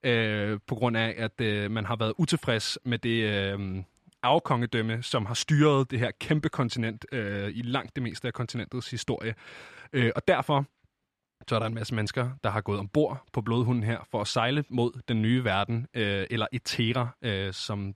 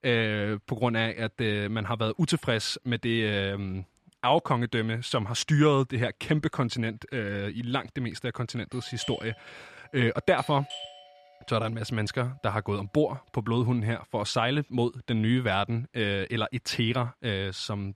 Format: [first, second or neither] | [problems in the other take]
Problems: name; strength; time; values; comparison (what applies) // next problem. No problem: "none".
first | doorbell; faint; from 8.5 to 11 s; peak 10 dB below the speech